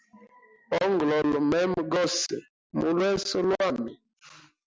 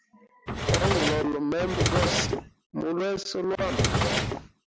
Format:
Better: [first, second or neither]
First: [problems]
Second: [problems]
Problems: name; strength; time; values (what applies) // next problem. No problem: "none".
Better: first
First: none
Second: background sound (Drawer open or close); 3 dB above the speech